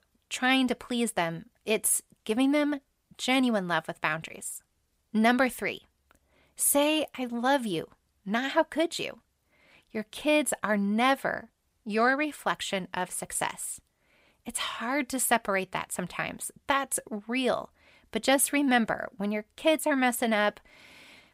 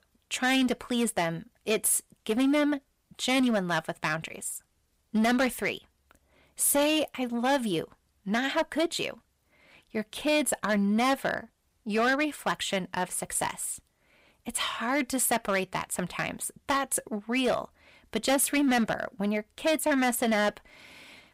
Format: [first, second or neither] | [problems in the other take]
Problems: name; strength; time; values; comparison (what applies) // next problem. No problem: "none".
first | distortion; slight; 7% of the sound clipped